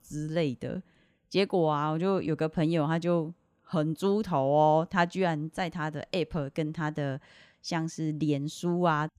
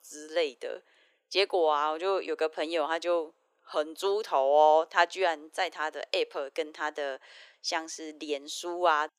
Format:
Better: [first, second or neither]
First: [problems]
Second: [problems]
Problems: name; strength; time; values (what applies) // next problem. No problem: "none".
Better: first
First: none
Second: thin; very; fading below 400 Hz